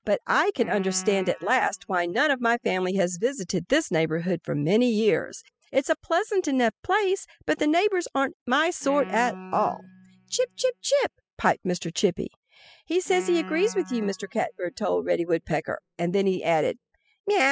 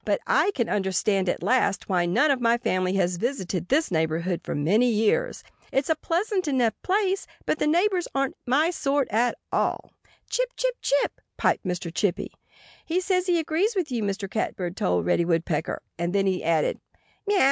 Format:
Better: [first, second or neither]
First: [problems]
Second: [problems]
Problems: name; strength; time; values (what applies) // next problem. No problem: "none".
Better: second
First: noise reduction (classical method spectral subtraction)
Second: none